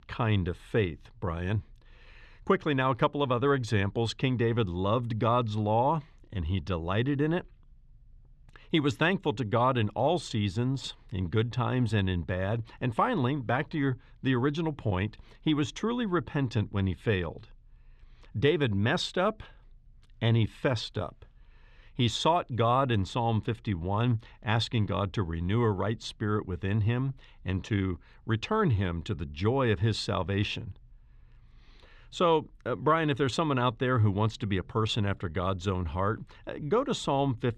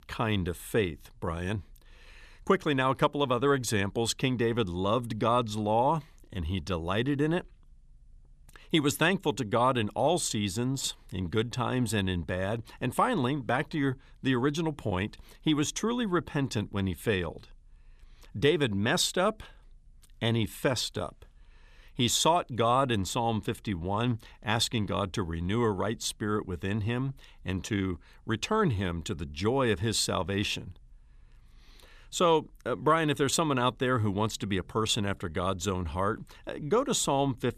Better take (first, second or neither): second